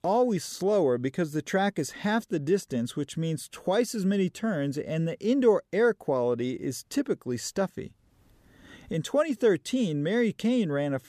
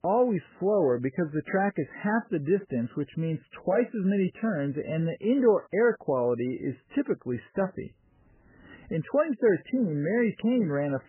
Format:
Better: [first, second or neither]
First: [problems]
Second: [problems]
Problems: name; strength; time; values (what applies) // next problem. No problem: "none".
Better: first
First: none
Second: garbled, watery; badly; nothing above 3 kHz